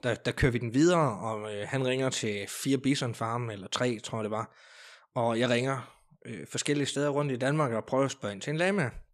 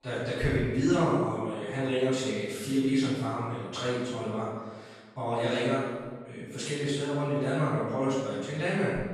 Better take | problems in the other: first | off-mic speech; far // room echo; strong; dies away in 1.2 s

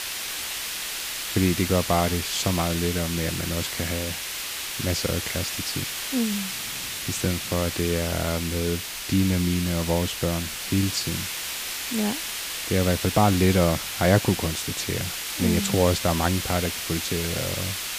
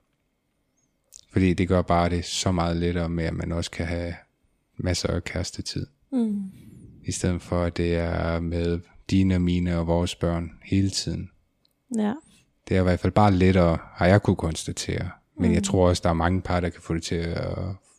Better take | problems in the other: second | hiss; loud; throughout; 3 dB below the speech

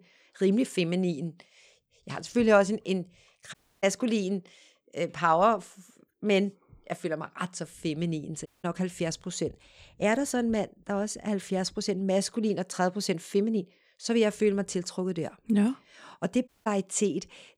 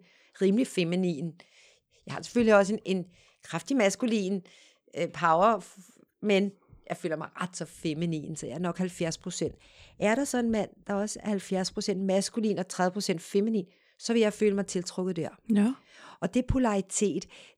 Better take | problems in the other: second | audio cutting out; at 3.5 s, at 8.5 s and at 16 s

